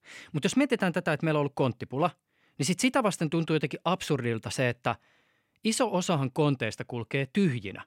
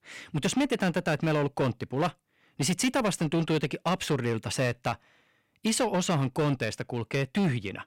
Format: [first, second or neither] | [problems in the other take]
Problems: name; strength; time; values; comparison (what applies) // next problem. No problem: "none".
first | distortion; slight; 10% of the sound clipped